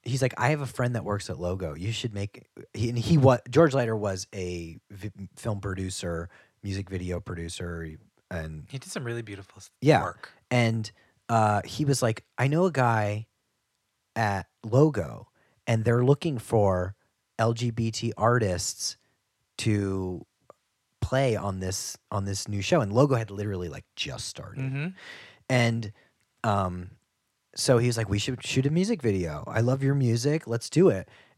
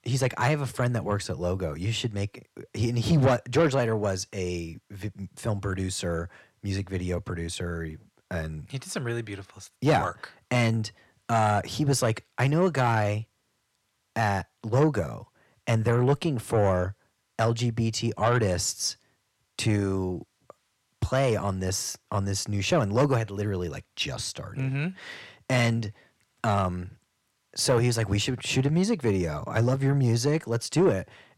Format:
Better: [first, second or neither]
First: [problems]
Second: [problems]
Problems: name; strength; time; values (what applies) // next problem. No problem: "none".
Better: first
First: none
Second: distortion; slight; 10 dB below the speech